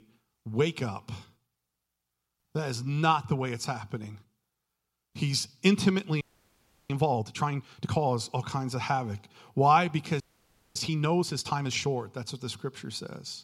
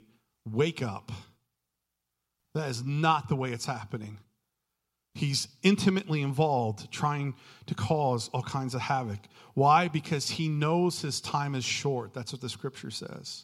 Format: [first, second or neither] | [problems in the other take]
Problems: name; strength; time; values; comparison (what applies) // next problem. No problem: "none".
second | audio freezing; at 6 s for 0.5 s and at 10 s for 0.5 s